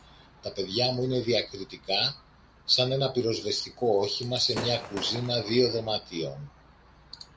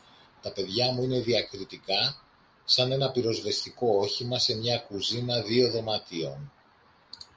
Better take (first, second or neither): second